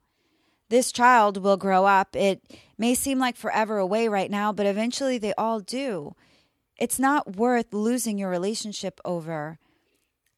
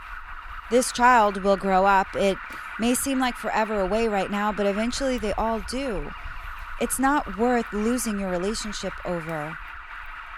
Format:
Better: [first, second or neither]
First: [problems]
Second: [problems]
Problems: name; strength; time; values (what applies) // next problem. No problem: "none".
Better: first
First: none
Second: alarms or sirens; noticeable; throughout; 15 dB below the speech